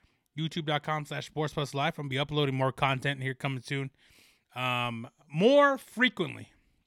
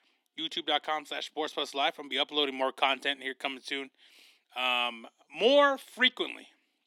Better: first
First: none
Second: thin; somewhat; fading below 250 Hz

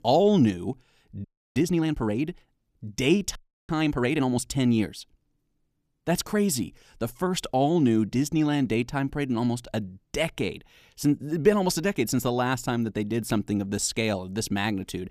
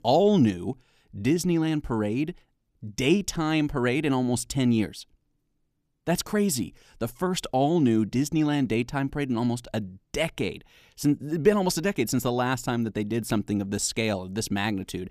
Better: second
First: audio freezing; at 1 s and at 3.5 s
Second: none

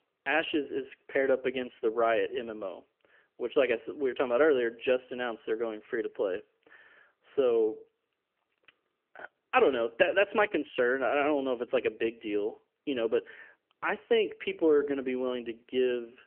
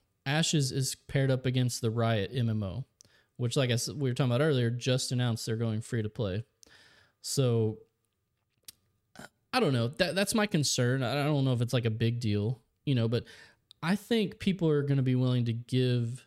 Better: second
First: phone-call audio; nothing above 3 kHz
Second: none

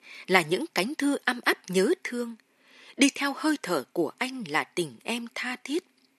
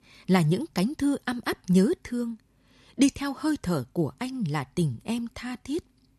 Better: second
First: thin; somewhat; fading below 300 Hz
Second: none

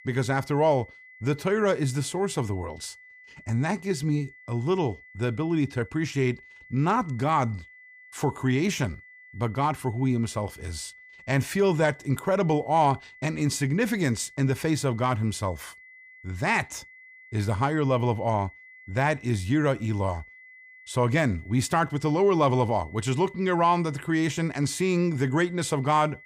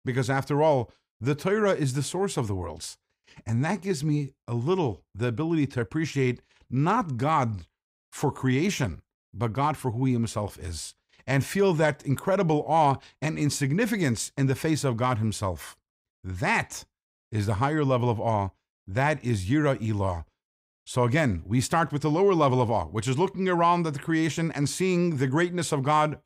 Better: second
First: high-pitched whine; faint; throughout; 2 kHz, 20 dB below the speech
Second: none

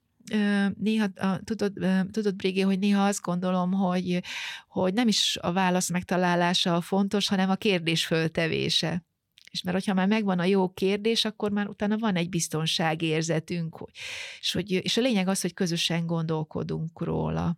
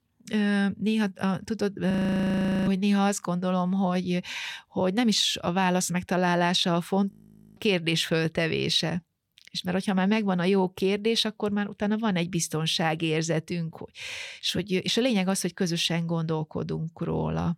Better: first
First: none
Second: audio freezing; at 2 s for 1 s and at 7 s

